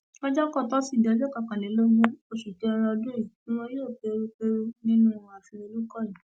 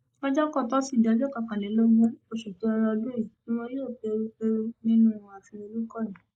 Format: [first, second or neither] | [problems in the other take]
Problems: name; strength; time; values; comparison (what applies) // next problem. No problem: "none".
first | noise reduction (neural mask model Resemble Enhance denoiser)